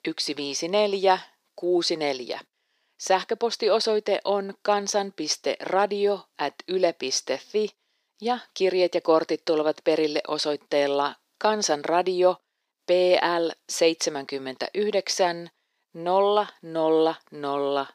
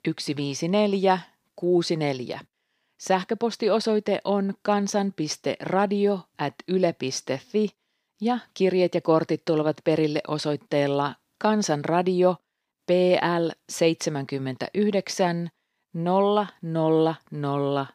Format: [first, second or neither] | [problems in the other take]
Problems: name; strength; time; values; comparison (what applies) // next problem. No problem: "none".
second | thin; somewhat; fading below 400 Hz